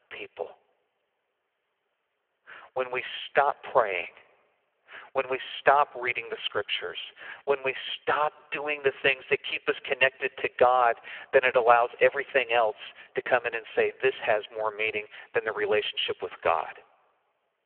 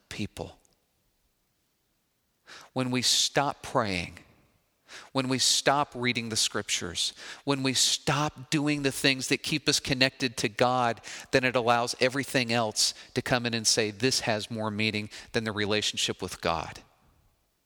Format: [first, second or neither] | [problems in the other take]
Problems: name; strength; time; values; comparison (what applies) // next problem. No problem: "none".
second | phone-call audio; poor line; nothing above 3 kHz